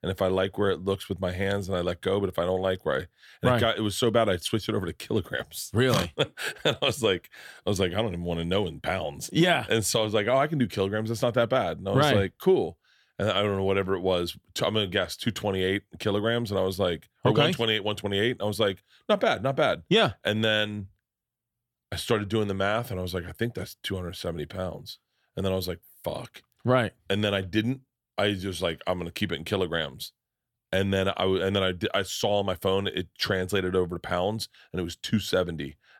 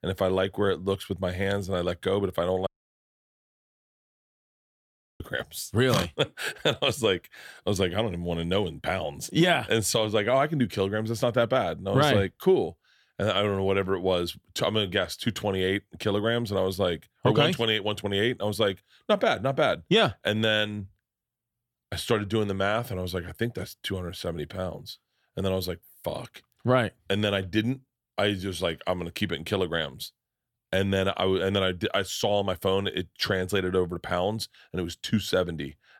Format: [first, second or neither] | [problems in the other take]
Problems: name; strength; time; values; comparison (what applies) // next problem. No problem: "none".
first | audio cutting out; at 2.5 s for 2.5 s